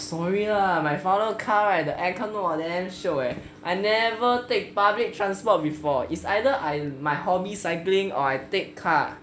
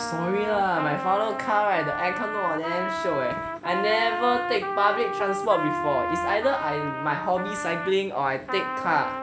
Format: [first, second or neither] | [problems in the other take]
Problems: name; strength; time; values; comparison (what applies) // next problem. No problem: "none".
first | background sound (Trumpet); 4 dB below the speech